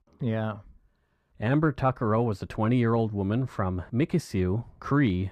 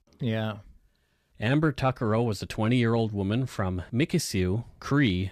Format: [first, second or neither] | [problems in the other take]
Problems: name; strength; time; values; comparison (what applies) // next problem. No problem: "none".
second | muffled; slightly; fading above 2 kHz